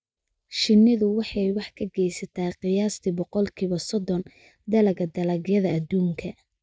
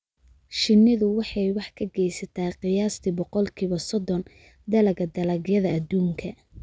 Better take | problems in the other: second | noise reduction (neural mask model Resemble Enhance denoiser)

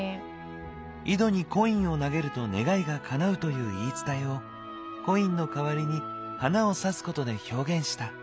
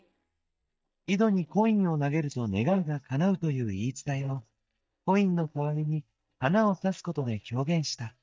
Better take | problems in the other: first | noise reduction (neural mask model DeepFilterNet 3)

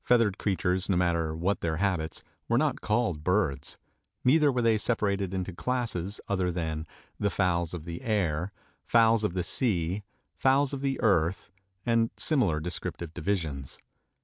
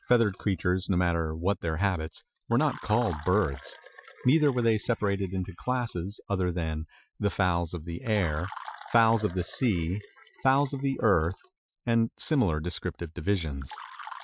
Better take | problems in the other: first | noise reduction (classical method Wiener filter)

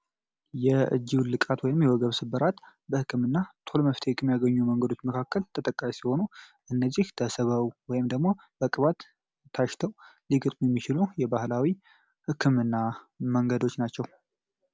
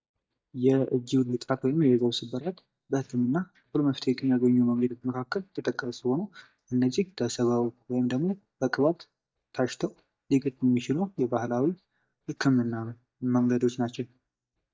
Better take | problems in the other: first | noise reduction (neural mask model DeepFilterNet 3)

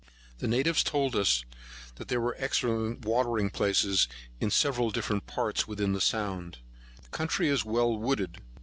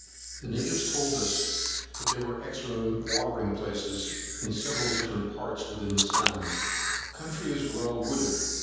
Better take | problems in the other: first | background sound (Camera); 1 dB below the speech // room echo; dies away in 1.2 s

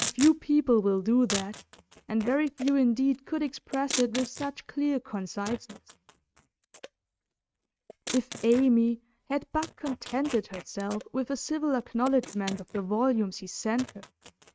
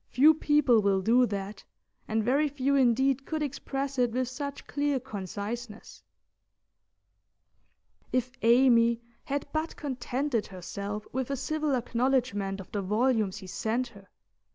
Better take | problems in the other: second | noise reduction (neural mask model RNNoise)

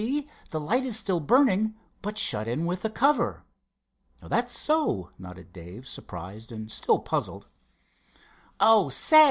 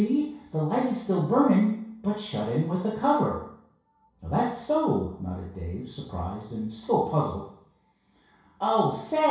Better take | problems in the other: first | room echo; dies away in 0.6 s

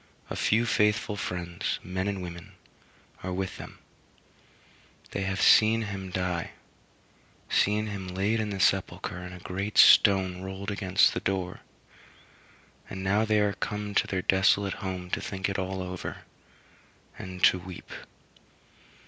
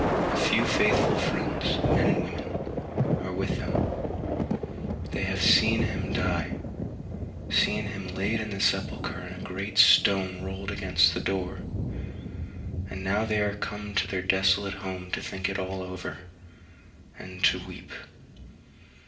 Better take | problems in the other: first | background sound (Thunder); 1 dB below the speech // room echo; dies away in 0.7 s

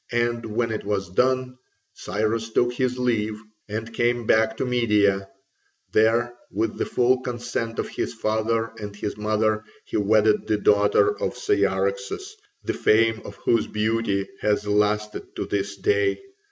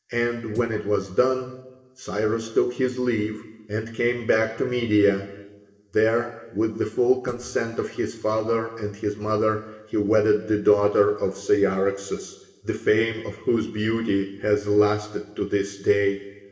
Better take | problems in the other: first | noise reduction (neural separator model SepFormer DNS4)

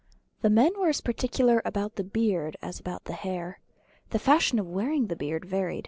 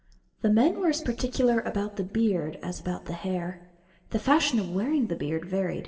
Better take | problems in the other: first | room echo; dies away in 1 s

